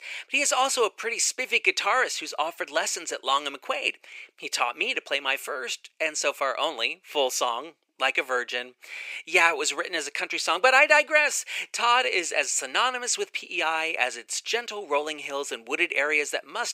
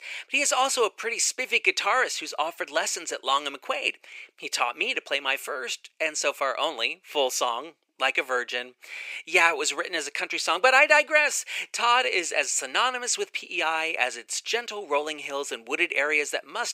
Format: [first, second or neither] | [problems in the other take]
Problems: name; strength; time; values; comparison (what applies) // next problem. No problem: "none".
neither | thin; very; fading below 400 Hz; the same in both